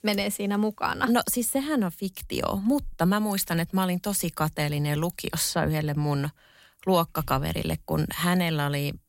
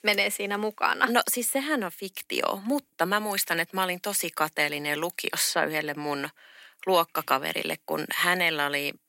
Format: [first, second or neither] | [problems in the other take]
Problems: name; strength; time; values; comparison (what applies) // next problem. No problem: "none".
first | thin; somewhat; fading below 300 Hz